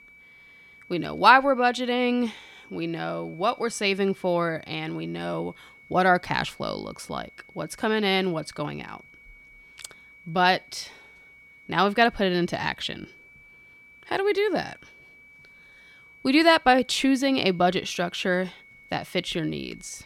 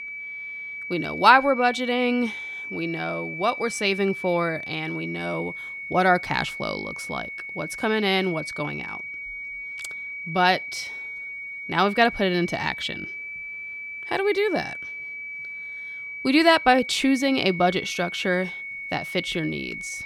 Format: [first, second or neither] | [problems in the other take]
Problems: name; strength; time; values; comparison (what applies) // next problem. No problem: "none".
first | high-pitched whine; loud; throughout; 2 kHz, 9 dB below the speech; faint in the first